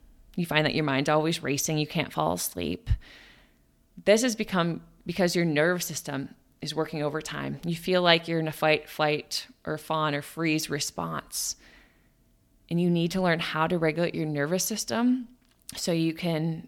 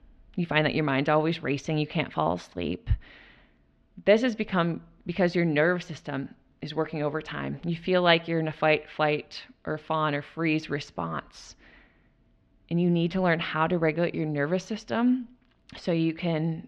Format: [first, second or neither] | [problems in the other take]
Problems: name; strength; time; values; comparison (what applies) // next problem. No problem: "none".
first | muffled; slightly; fading above 3 kHz